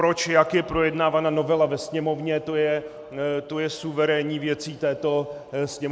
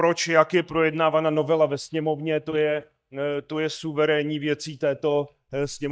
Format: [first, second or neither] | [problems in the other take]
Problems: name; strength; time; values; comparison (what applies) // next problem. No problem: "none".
first | noise reduction (neural mask model DeepFilterNet 3)